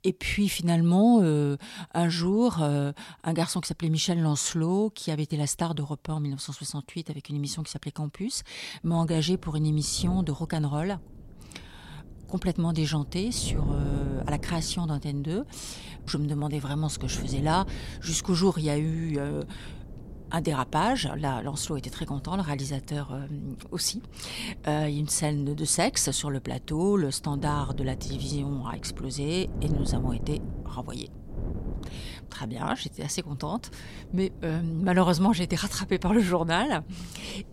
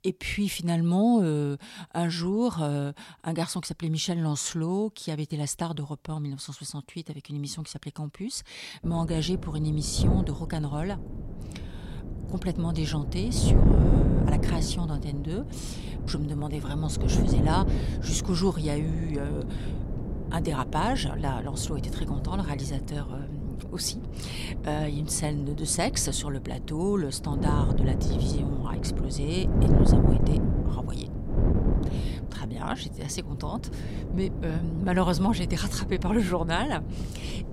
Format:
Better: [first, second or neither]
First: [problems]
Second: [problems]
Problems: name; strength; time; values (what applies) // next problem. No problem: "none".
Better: first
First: wind noise on the microphone; occasional gusts; from 9 s on; 20 dB below the speech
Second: wind noise on the microphone; heavy; from 9 s on; 5 dB below the speech